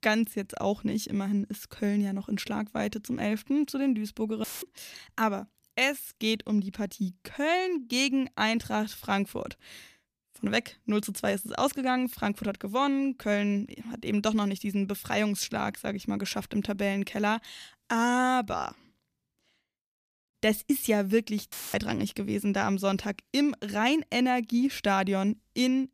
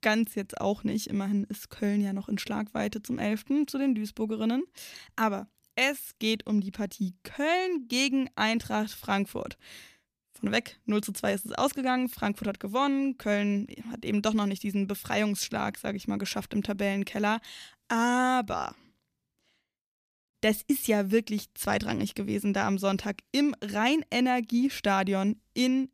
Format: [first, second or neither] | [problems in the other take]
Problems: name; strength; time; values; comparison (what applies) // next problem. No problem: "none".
second | audio cutting out; filled with static; at 4.5 s and at 22 s